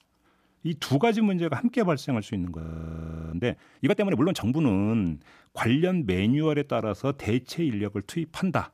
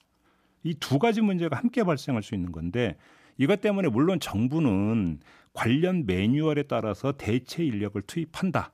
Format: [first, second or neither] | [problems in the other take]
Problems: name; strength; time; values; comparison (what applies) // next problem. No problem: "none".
second | audio freezing; at 2.5 s for 0.5 s